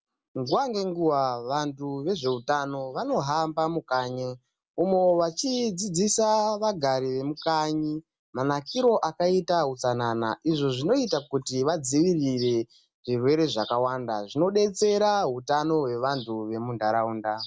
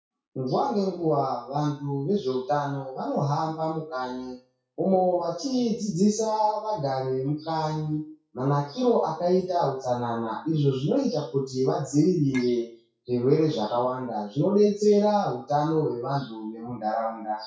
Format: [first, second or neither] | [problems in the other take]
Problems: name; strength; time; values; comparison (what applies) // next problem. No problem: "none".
first | noise reduction (classical method WPE with log-MMSE)